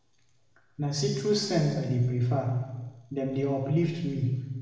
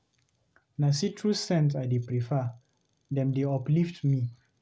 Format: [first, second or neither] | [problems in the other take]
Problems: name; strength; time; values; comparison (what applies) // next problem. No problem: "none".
second | room echo; dies away in 1.2 s